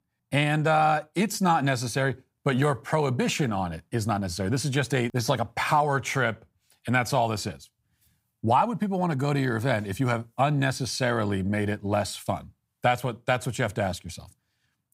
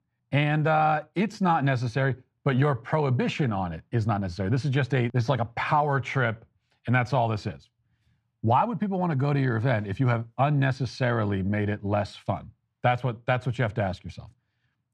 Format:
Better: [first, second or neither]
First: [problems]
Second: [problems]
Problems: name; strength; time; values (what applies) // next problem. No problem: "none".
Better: first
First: none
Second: muffled; slightly; fading above 3 kHz